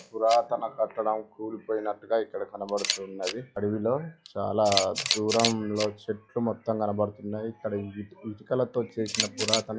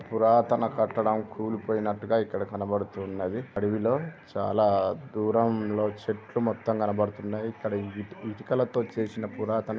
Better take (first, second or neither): second